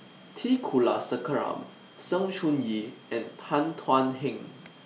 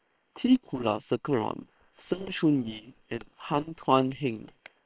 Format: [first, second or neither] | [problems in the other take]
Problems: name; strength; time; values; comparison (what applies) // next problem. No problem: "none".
first | noise reduction (neural separator model SepFormer WHAM!)